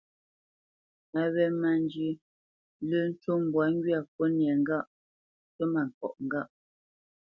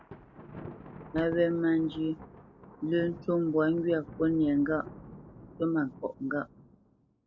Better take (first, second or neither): first